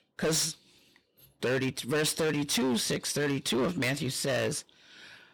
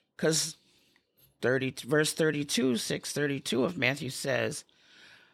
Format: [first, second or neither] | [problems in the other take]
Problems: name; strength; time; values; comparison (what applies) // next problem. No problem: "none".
second | distortion; heavy; 13% of the sound clipped